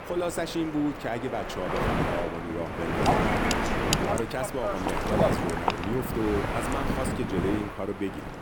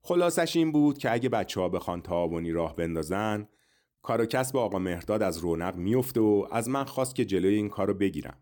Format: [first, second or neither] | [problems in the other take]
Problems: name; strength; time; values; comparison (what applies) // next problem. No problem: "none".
second | wind noise on the microphone; heavy; 4 dB above the speech